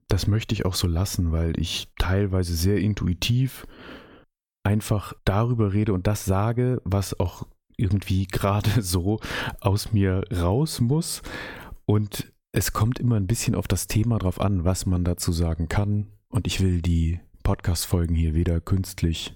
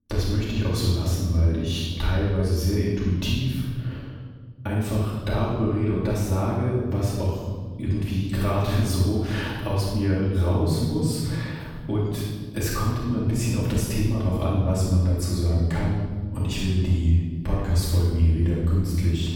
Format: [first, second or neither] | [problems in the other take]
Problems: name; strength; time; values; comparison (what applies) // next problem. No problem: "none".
first | off-mic speech; far // room echo; strong; dies away in 1.5 s